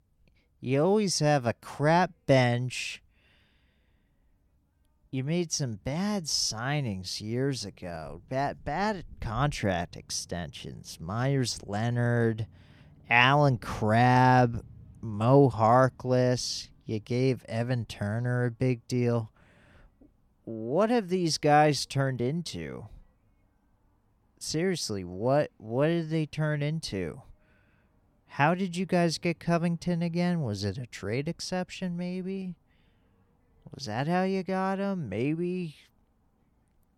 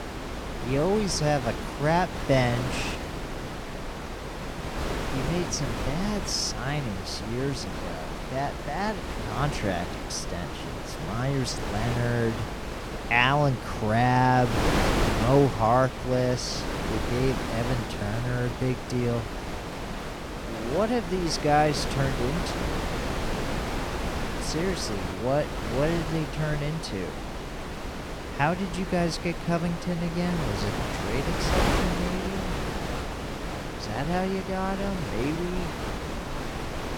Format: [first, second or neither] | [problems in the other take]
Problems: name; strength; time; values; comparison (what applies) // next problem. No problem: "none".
first | wind noise on the microphone; heavy; 4 dB below the speech